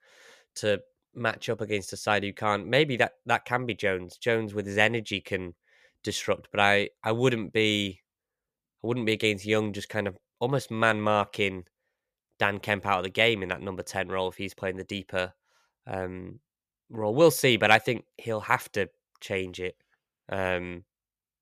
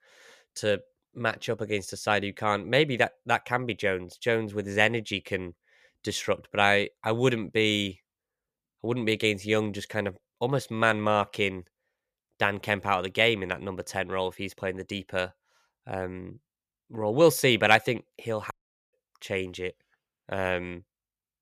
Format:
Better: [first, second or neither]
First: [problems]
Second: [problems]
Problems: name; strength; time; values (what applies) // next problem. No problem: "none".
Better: first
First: none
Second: audio cutting out; at 19 s